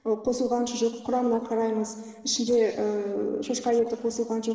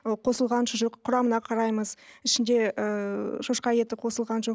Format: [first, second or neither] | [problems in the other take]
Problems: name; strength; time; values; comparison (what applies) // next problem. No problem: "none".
second | noise reduction (neural separator model SepFormer DNS4)